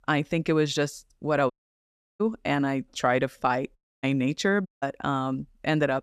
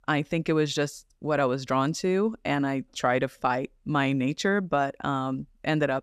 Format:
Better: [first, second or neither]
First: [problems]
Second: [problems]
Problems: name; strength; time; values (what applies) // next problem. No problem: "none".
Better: second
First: audio cutting out; at 1.5 s for 0.5 s, at 4 s and at 4.5 s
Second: none